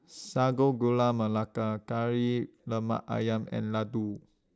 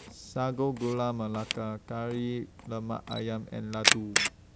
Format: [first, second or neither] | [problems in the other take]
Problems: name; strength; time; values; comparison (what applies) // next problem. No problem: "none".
first | background sound (Camera); 1 dB below the speech